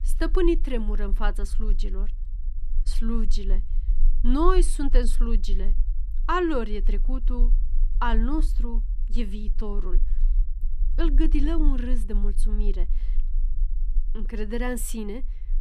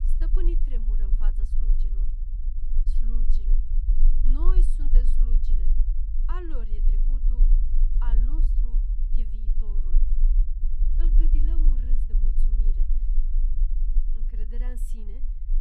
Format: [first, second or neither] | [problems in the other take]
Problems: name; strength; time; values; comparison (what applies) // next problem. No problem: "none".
first | low rumble; loud; throughout; 6 dB below the speech; faint in the first